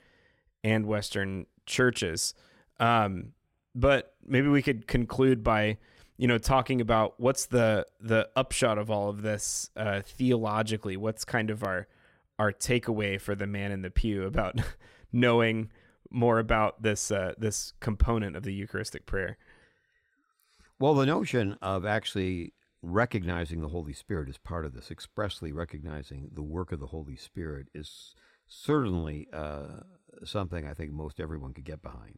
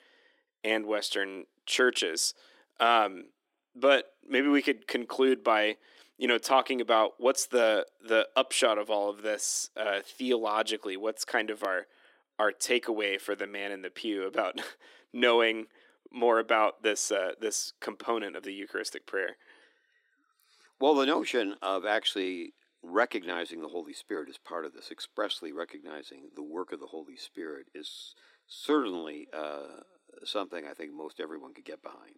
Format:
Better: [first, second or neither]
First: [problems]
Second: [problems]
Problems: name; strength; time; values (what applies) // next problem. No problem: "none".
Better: first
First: none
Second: thin; somewhat; fading below 300 Hz